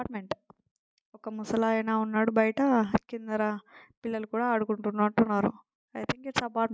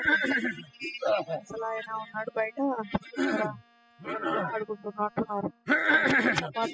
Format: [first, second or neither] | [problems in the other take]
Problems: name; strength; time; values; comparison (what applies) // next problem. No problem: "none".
first | noise reduction (classical method spectral subtraction)